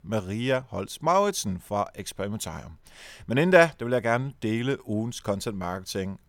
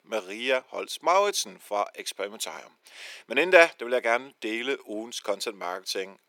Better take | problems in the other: first | thin; somewhat; fading below 350 Hz

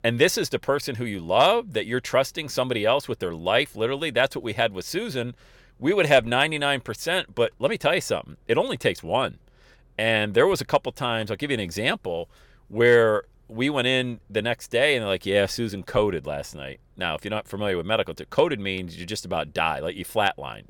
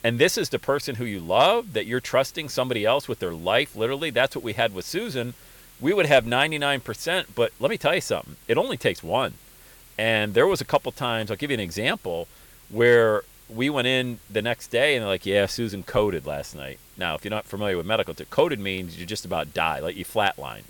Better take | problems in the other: first | hiss; faint; throughout; 25 dB below the speech

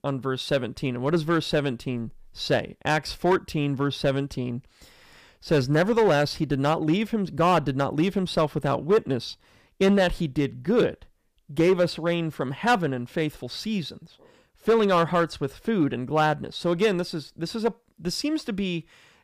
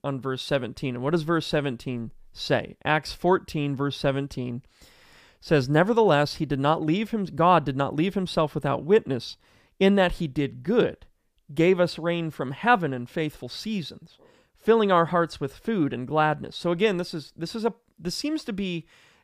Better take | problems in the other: second | distortion; slight; 3% of the sound clipped

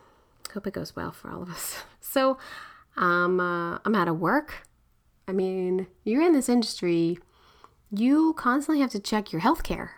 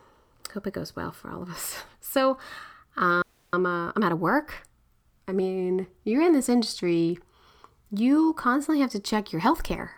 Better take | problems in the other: first | audio freezing; at 3 s

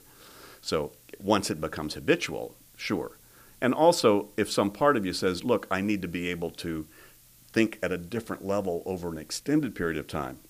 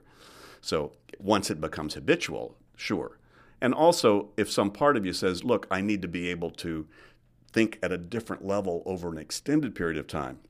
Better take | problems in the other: second | hiss; faint; throughout; 25 dB below the speech

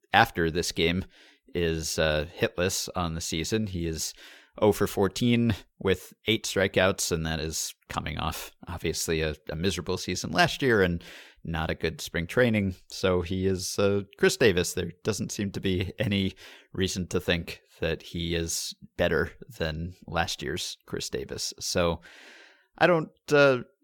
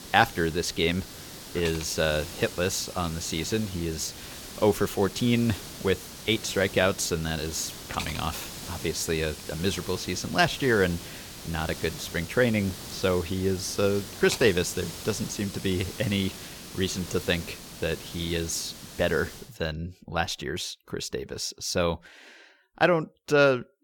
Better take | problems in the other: first | hiss; noticeable; until 19 s; 10 dB below the speech

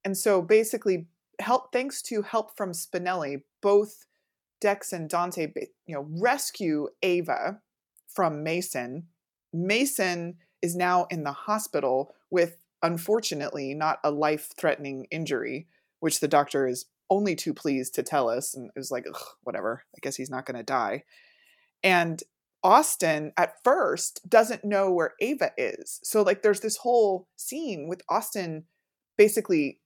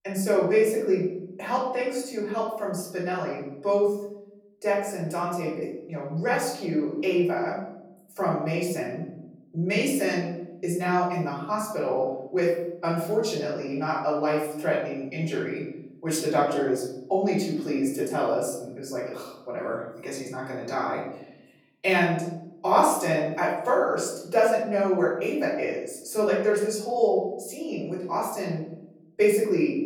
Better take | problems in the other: first | off-mic speech; far // room echo; noticeable; dies away in 0.9 s

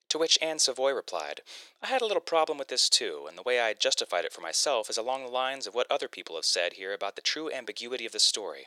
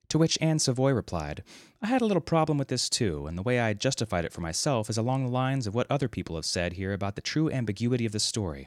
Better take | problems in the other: second | thin; very; fading below 450 Hz

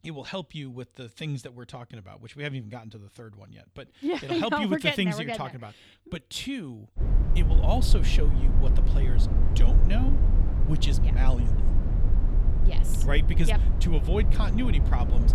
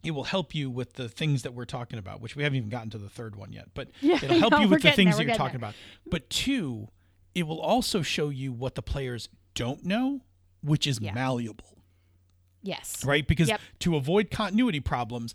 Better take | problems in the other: second | low rumble; loud; from 7 s on; 8 dB below the speech

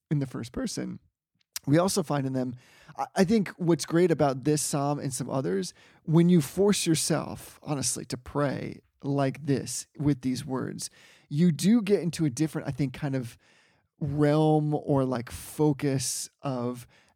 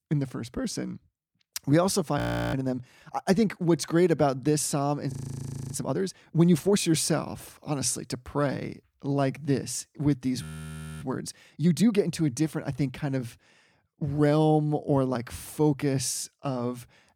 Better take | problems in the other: first | audio freezing; at 2 s, at 5 s for 0.5 s and at 10 s for 0.5 s

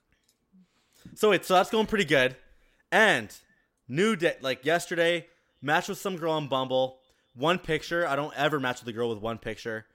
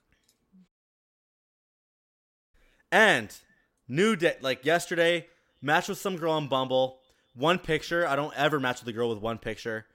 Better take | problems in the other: first | audio cutting out; at 0.5 s for 2 s

